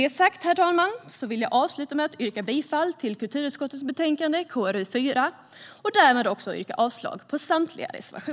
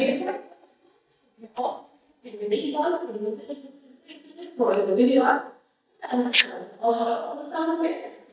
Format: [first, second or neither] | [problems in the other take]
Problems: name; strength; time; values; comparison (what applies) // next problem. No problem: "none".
first | noise reduction (neural mask model DeepFilterNet 3)